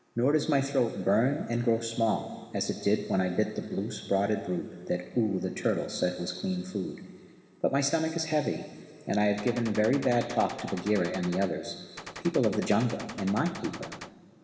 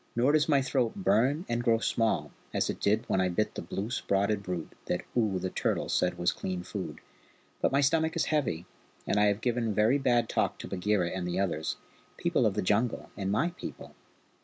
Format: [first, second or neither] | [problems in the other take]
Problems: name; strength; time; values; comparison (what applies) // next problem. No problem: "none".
second | background sound (Gunshot, gunfire); 13 dB below the speech // room echo; dies away in 2.4 s